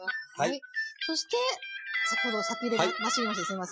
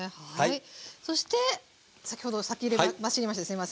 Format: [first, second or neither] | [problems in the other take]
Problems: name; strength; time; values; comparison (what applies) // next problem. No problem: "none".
second | noise reduction (classical method Wiener filter)